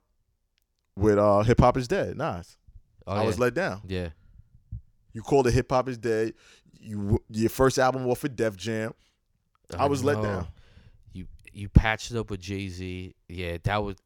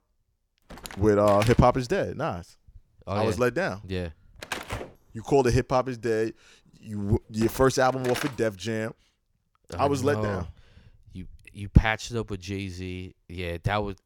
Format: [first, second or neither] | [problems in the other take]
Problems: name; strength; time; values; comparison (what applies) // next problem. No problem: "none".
first | door banging; noticeable; from 0.5 to 8.5 s; peak 8 dB below the speech